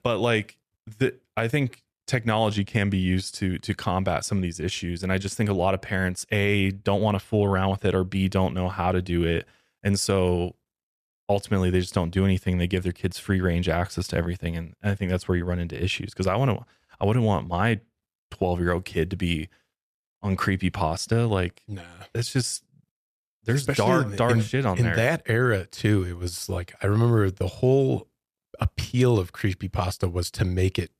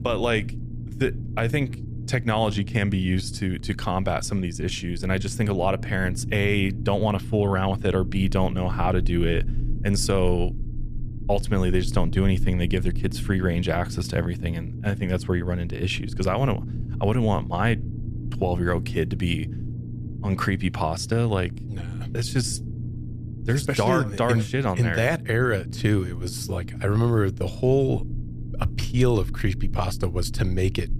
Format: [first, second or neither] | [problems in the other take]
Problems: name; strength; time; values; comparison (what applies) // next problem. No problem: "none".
first | low rumble; noticeable; throughout; 15 dB below the speech